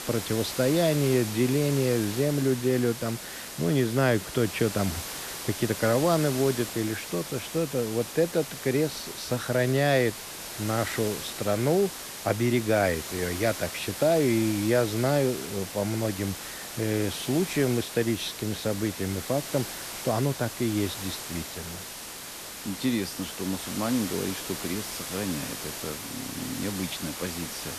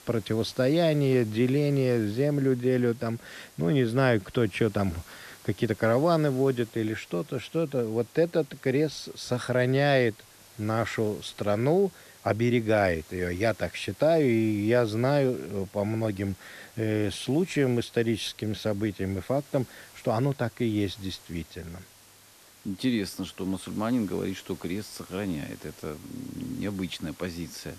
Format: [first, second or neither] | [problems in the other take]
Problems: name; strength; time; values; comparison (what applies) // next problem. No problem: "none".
second | hiss; loud; throughout; 8 dB below the speech; faint in the second